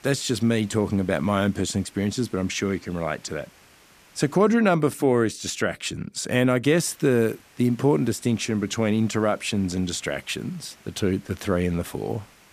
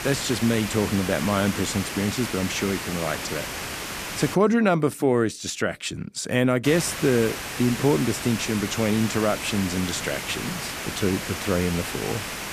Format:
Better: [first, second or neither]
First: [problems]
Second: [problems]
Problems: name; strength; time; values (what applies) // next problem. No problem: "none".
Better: first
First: hiss; faint; until 4.5 s and from 6.5 s on; 30 dB below the speech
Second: hiss; loud; until 4.5 s and from 6.5 s on; 6 dB below the speech